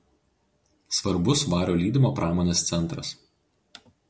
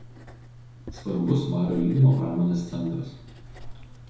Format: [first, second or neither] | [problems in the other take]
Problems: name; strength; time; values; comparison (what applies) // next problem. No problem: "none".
first | background sound (Writing); 16 dB below the speech // room echo; dies away in 2 s